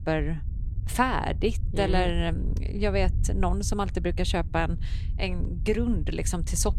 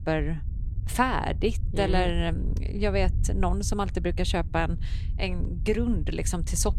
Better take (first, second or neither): neither